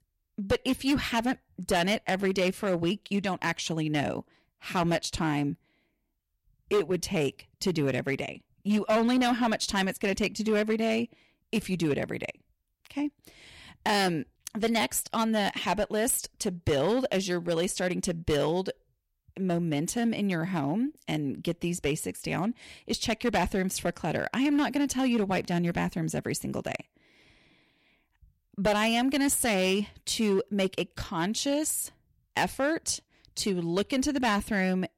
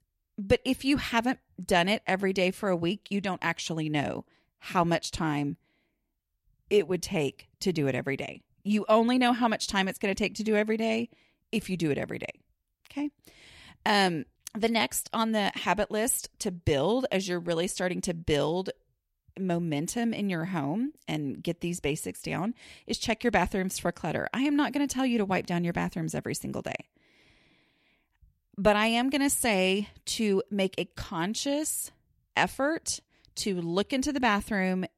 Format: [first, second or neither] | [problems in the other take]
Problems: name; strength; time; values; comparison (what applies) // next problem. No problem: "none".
second | distortion; slight; 5% of the sound clipped